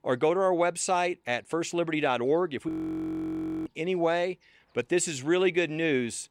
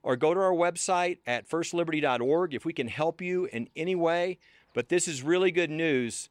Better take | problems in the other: second | audio freezing; at 2.5 s for 1 s

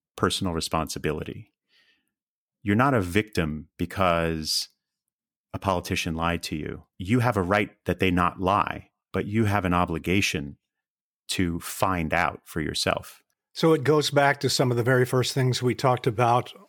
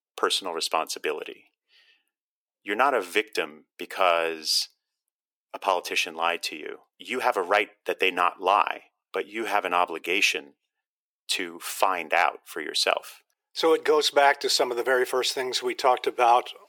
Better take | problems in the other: first | thin; very; fading below 400 Hz

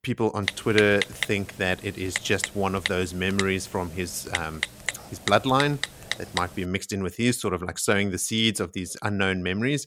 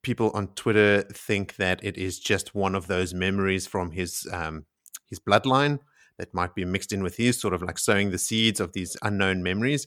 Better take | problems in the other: second | keyboard typing; noticeable; until 6.5 s; peak 2 dB below the speech

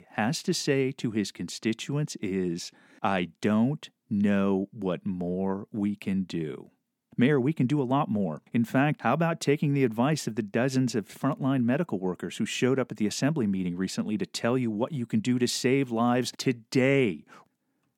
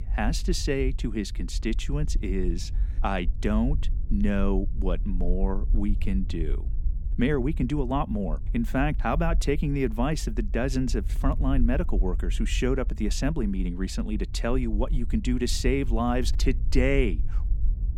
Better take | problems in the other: first | low rumble; faint; throughout; 20 dB below the speech

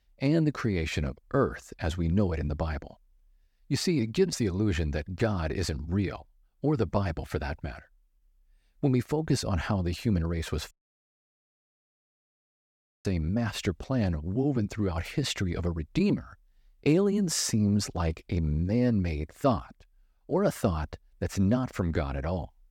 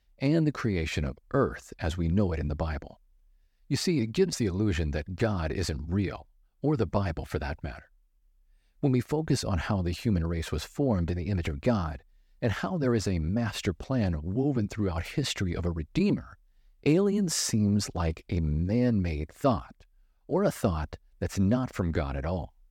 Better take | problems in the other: second | audio cutting out; at 11 s for 2.5 s

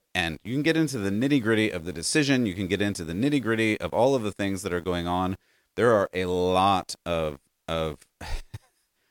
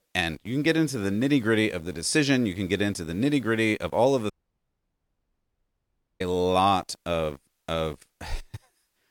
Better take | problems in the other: first | audio cutting out; at 4.5 s for 2 s

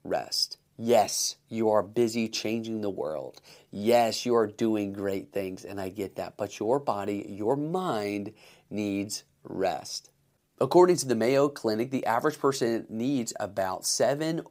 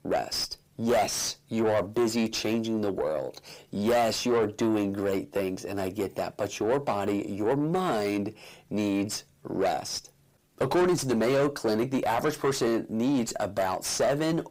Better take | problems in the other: first | distortion; heavy; 7 dB below the speech

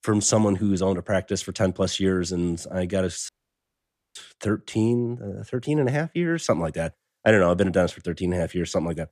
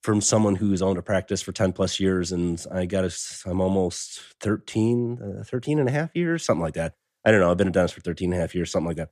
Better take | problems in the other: second | audio cutting out; at 3.5 s for 1 s

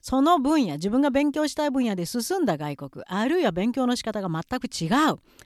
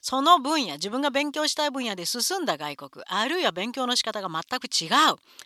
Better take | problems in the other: first | thin; somewhat; fading below 900 Hz

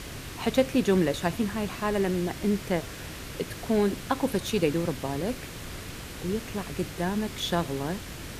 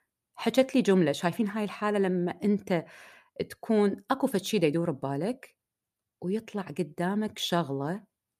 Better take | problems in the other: second | hiss; noticeable; throughout; 10 dB below the speech

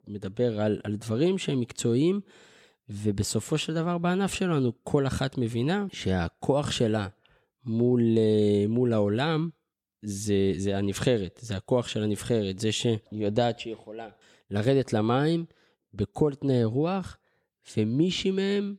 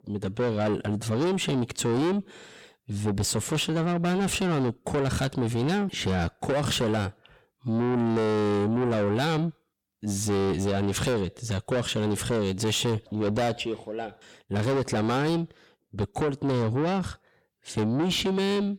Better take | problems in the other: first | distortion; heavy; 7 dB below the speech

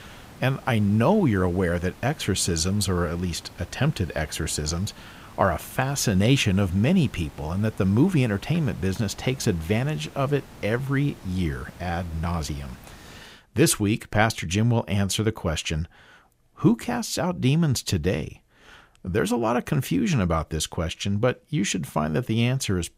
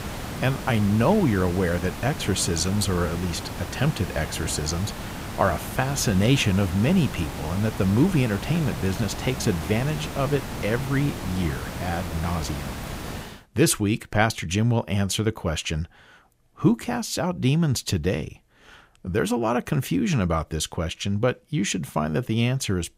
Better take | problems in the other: first | hiss; loud; until 13 s; 9 dB below the speech; faint in the first

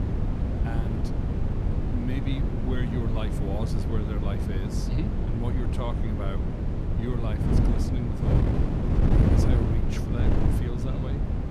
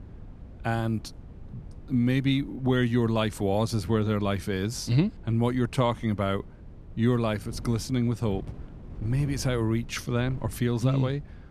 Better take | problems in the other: second | wind noise on the microphone; heavy; 3 dB above the speech; occasional gusts in the second

